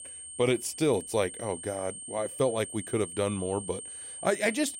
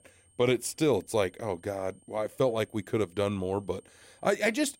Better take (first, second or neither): second